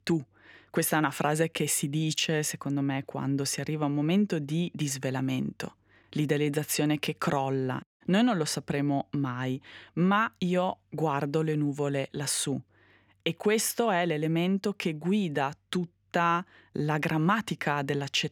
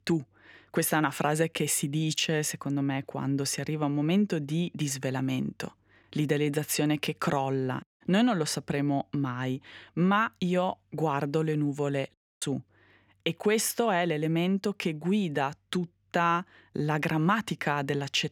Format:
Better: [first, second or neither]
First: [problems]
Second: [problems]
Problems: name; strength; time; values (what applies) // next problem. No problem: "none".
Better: first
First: none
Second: audio cutting out; at 12 s